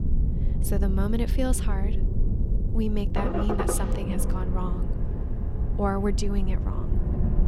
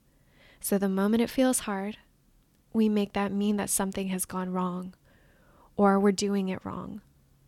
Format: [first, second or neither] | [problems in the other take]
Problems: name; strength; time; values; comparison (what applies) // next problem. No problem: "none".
second | low rumble; loud; throughout; 4 dB below the speech